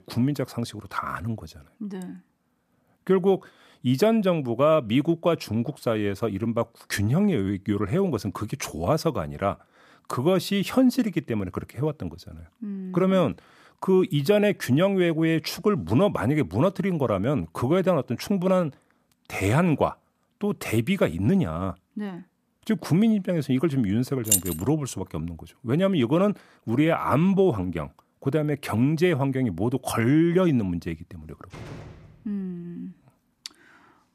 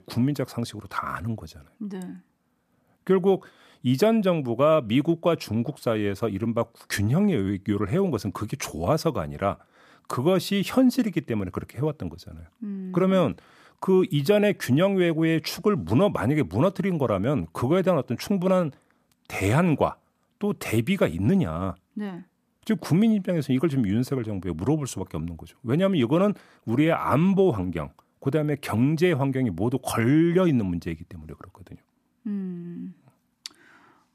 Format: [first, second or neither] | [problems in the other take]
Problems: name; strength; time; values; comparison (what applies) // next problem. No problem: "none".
second | jangling keys; loud; at 24 s; peak 2 dB above the speech // door banging; faint; at 32 s; peak 15 dB below the speech